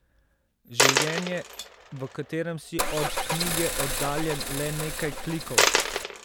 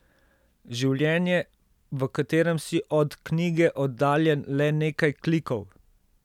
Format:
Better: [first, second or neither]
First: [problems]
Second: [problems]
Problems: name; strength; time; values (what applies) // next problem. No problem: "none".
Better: second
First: background sound (Car + Coin (dropping)); 4 dB above the speech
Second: none